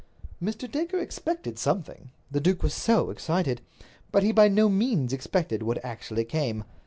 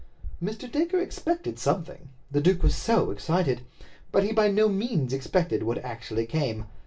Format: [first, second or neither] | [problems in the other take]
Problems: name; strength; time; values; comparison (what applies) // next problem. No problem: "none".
first | room echo; dies away in 0.2 s